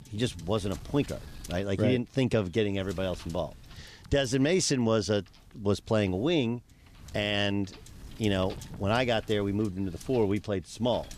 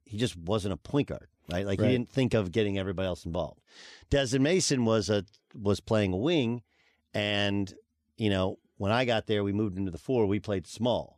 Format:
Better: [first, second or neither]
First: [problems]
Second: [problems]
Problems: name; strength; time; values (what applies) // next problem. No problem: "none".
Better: second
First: wind noise on the microphone; occasional gusts; 20 dB below the speech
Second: none